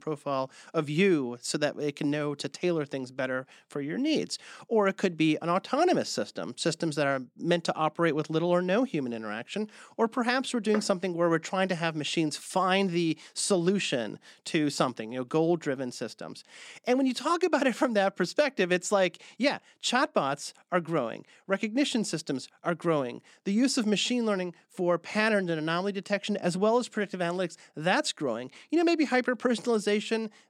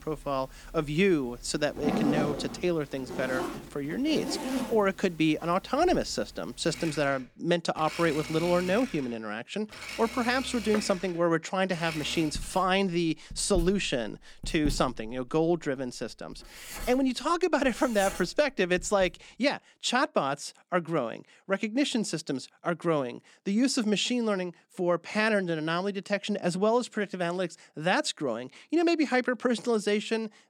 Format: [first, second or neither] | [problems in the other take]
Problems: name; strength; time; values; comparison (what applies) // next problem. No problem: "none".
first | household noises; loud; until 19 s; 9 dB below the speech